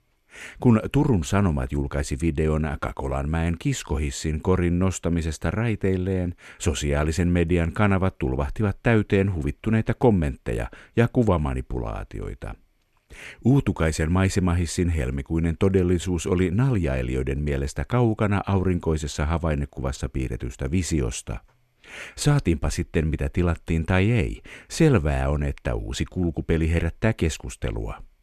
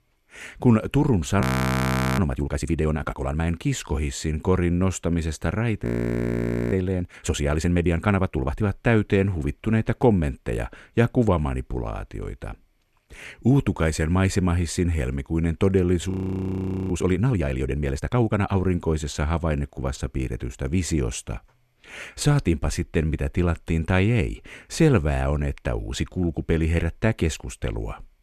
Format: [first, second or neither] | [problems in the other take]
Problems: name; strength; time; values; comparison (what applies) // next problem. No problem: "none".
first | audio freezing; at 1.5 s for 1 s, at 6 s for 1 s and at 16 s for 1 s